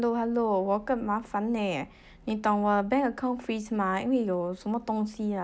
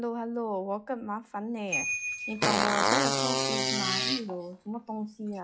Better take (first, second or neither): first